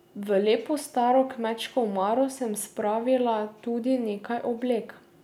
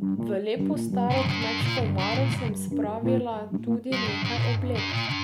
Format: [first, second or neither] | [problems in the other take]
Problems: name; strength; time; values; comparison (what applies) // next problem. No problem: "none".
first | background sound (Guitar); 5 dB above the speech